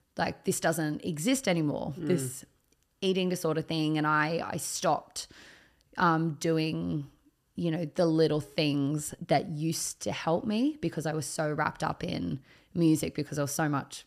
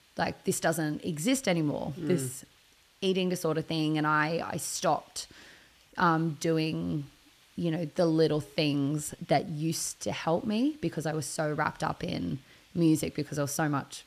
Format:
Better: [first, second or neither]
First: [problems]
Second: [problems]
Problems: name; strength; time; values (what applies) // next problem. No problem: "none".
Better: first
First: none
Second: hiss; faint; throughout; 30 dB below the speech